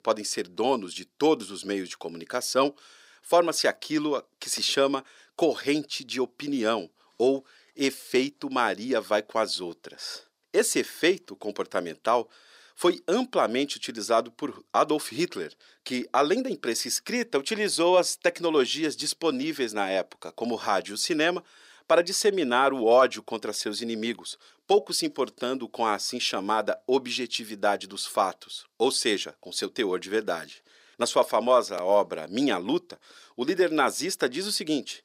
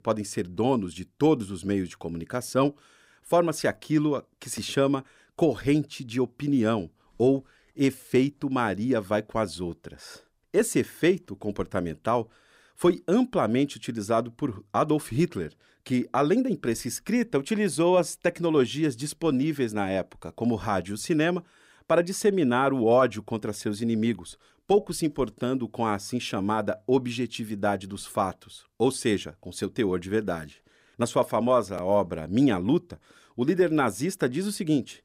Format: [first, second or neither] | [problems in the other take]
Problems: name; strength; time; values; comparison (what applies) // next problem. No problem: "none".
second | thin; somewhat; fading below 400 Hz